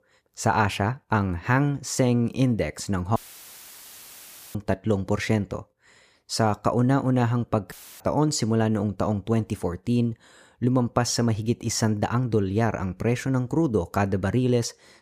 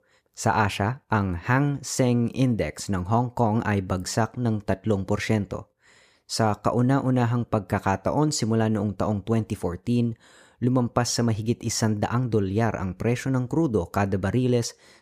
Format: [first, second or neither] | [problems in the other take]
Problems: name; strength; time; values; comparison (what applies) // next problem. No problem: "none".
second | audio cutting out; filled with static; at 3 s for 1.5 s and at 7.5 s